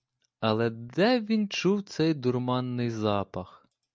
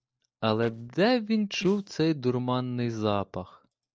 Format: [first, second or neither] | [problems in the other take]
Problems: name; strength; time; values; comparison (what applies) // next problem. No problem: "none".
first | noise reduction (neural separator model SepFormer DNS4)